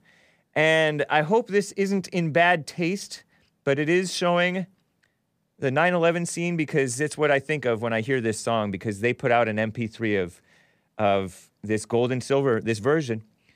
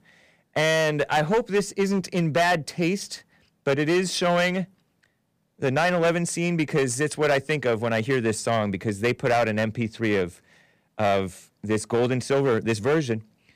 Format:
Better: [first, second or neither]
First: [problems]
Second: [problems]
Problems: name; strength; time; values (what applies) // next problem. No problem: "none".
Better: first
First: none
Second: distortion; slight; 7% of the sound clipped